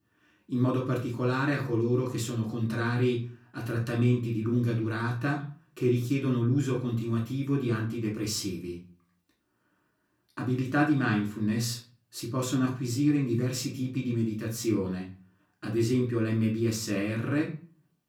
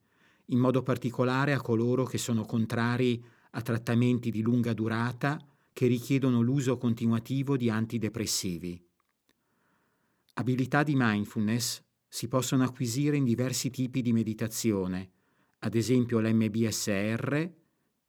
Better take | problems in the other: second | off-mic speech; far // room echo; slight; dies away in 0.3 s

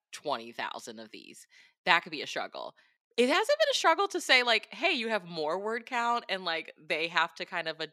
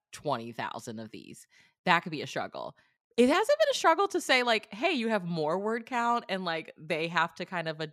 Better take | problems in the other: second | thin; very slightly; fading below 300 Hz

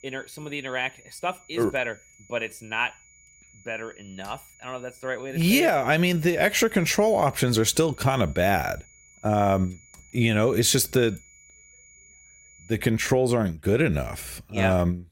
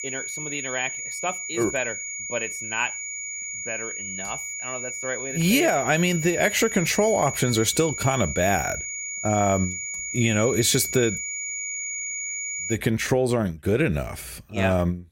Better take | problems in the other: first | high-pitched whine; loud; until 13 s; 7 kHz, 5 dB below the speech; faint in the first

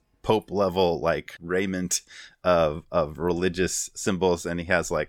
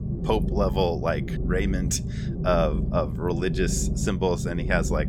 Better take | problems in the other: first | low rumble; noticeable; throughout; 10 dB below the speech

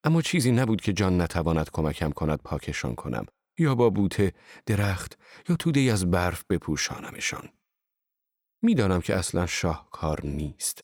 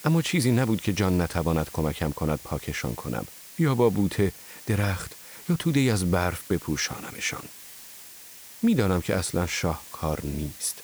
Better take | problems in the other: first | hiss; noticeable; throughout; 15 dB below the speech

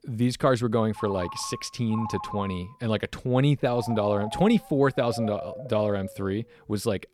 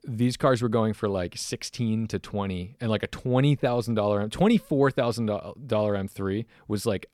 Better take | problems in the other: second | phone ringing; noticeable; from 1 to 6.5 s; peak 9 dB below the speech

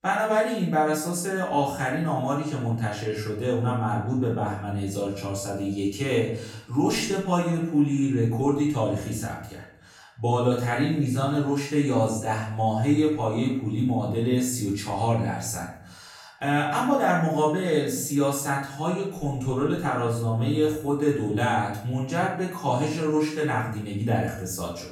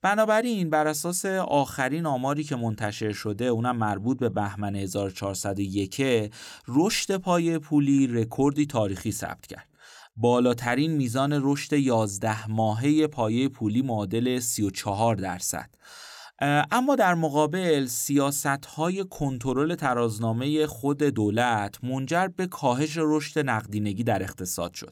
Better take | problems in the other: second | off-mic speech; far // room echo; noticeable; dies away in 0.6 s

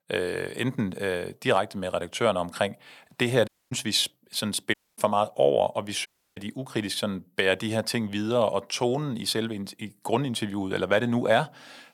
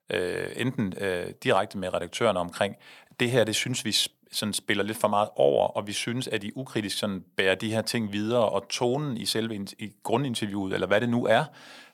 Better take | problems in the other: second | audio cutting out; at 3.5 s, at 4.5 s and at 6 s

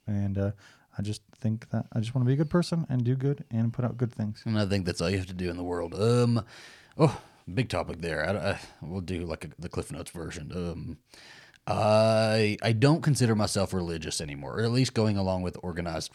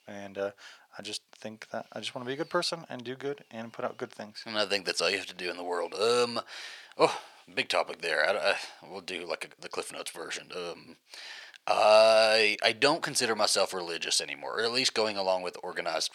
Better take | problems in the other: first | thin; very; fading below 600 Hz

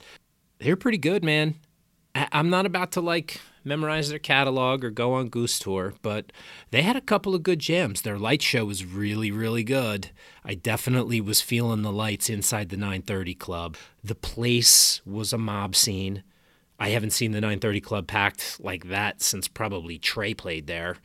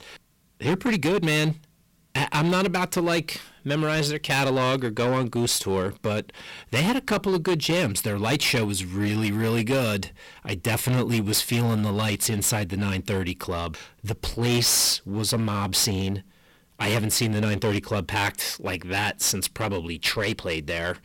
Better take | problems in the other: first | distortion; heavy; 13% of the sound clipped

